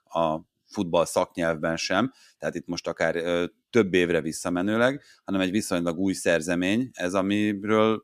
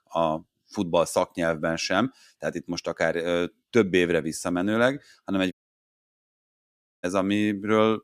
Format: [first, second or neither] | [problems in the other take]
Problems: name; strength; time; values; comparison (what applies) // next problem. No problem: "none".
first | audio cutting out; at 5.5 s for 1.5 s